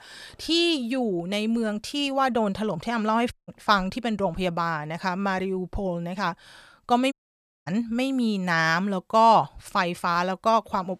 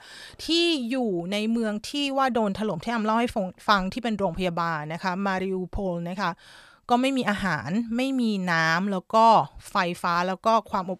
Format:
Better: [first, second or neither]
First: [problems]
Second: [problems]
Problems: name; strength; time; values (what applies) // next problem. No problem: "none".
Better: second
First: audio cutting out; at 3.5 s and at 7 s for 0.5 s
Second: none